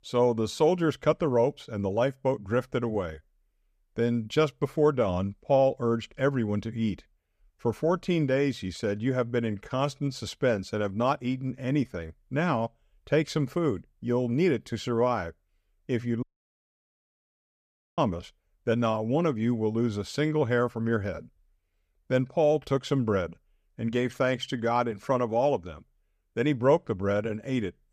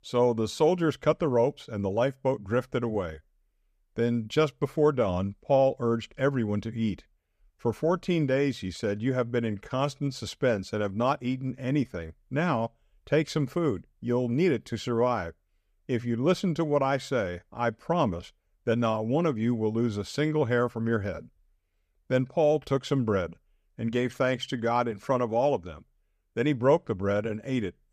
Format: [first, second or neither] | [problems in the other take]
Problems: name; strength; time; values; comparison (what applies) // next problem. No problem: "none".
second | audio cutting out; at 16 s for 2 s